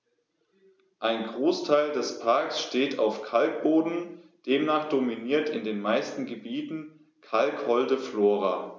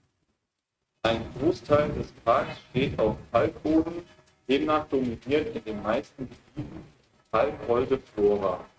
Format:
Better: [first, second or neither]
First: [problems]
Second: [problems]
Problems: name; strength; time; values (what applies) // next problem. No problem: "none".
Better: first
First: none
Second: noise reduction (neural mask model RNNoise)